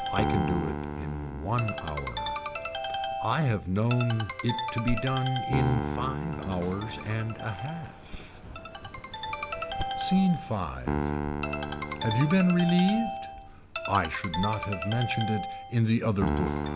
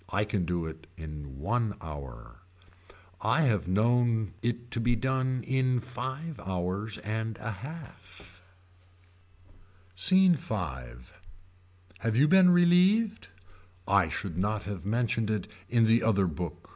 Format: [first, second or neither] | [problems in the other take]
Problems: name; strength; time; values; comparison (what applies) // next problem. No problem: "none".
second | background sound (Piano + Ringtone); 4 dB below the speech